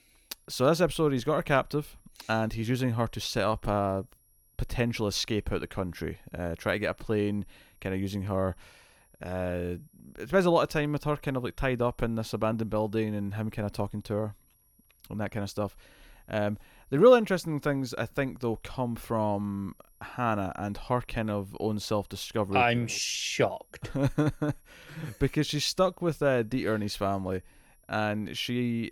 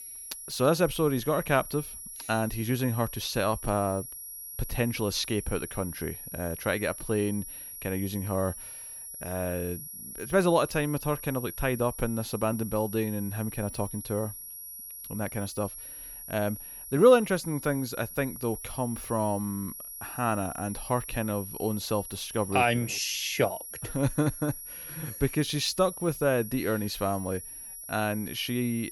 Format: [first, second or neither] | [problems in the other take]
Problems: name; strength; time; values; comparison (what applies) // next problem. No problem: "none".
first | high-pitched whine; loud; throughout; 11.5 kHz, 10 dB below the speech; faint in the first